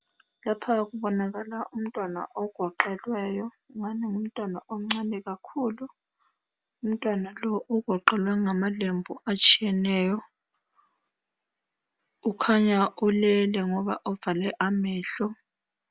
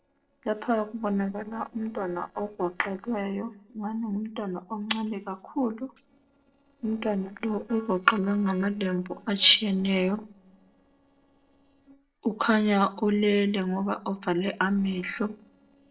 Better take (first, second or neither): first